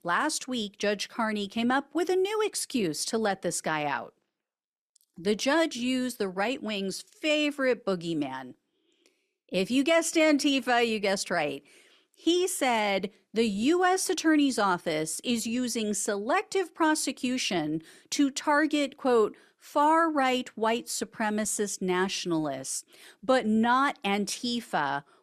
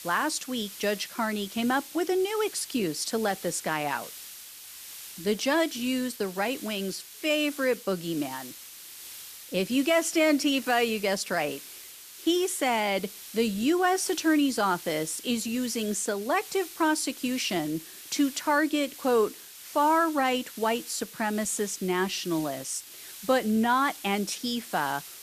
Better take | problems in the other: first | hiss; noticeable; throughout; 15 dB below the speech

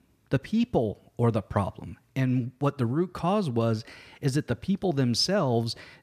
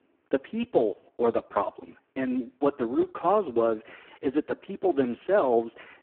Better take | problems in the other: first | phone-call audio; poor line; nothing above 3.5 kHz

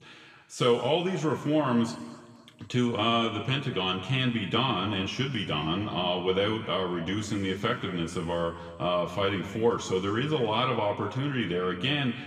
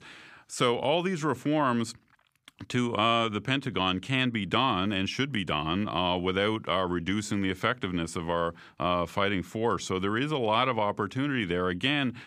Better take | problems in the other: second | room echo; slight; dies away in 1.7 s // off-mic speech; somewhat distant

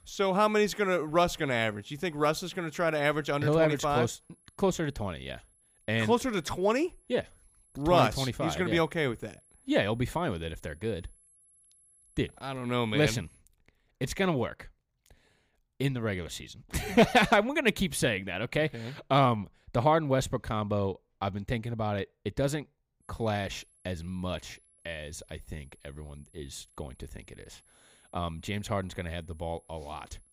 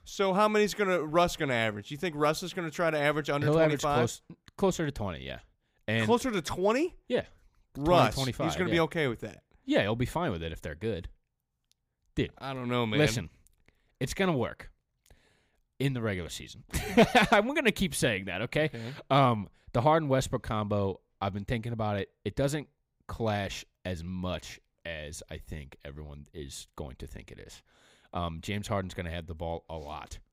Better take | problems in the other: second | high-pitched whine; faint; until 13 s and from 23 s on; 11 kHz, 30 dB below the speech

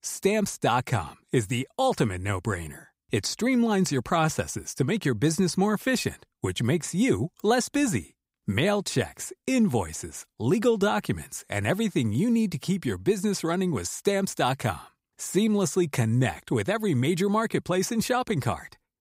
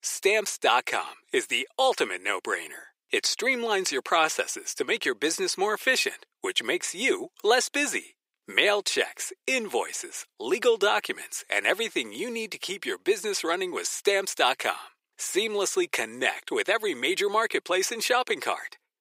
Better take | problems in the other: first | thin; very; fading below 400 Hz

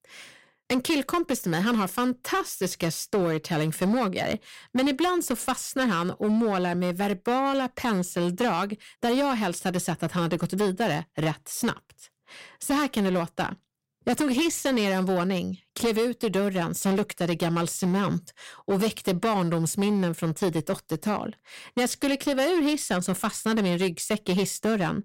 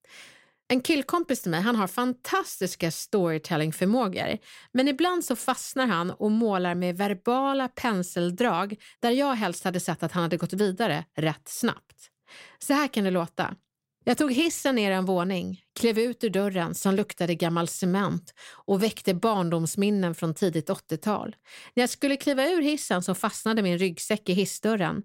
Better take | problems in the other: second | distortion; slight; 10% of the sound clipped

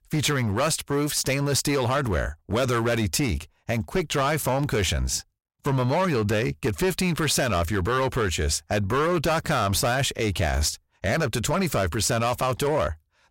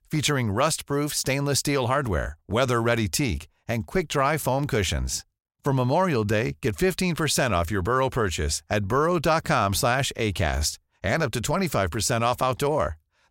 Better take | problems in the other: second | distortion; slight; 12% of the sound clipped

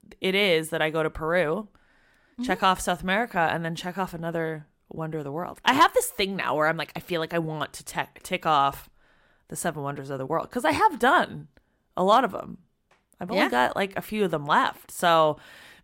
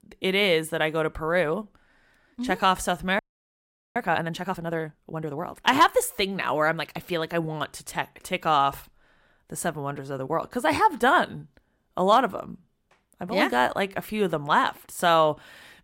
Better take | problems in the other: first | audio freezing; at 3 s for 1 s

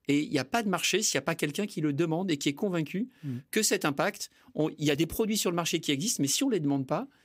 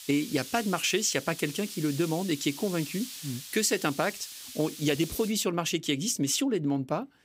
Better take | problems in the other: first | hiss; noticeable; until 5.5 s; 10 dB below the speech

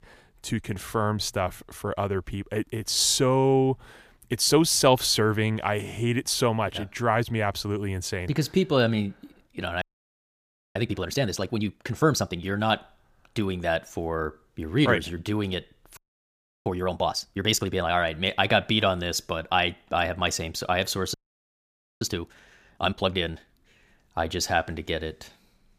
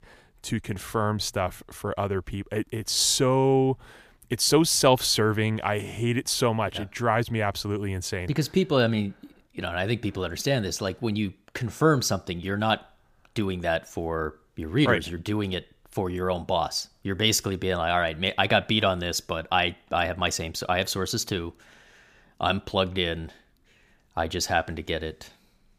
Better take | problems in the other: second | audio freezing; at 10 s for 1 s, at 16 s for 0.5 s and at 21 s for 1 s

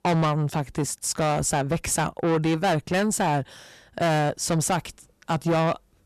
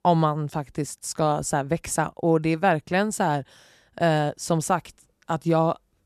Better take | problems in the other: second | distortion; heavy; 6 dB below the speech

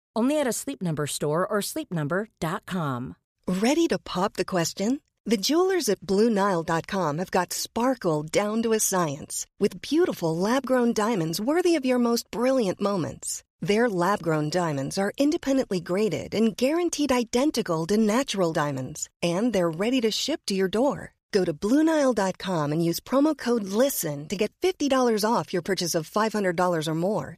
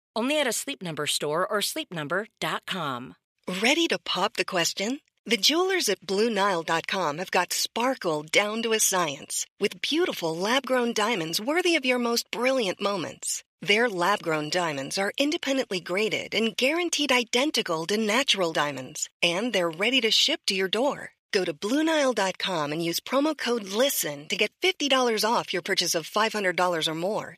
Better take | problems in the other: first | thin; very slightly; fading below 450 Hz

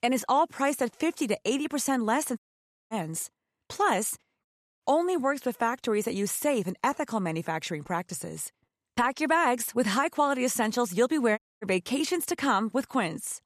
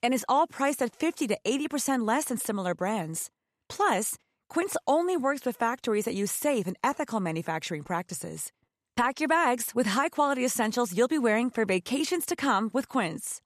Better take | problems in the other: second | audio cutting out; at 2.5 s for 0.5 s, at 4.5 s and at 11 s

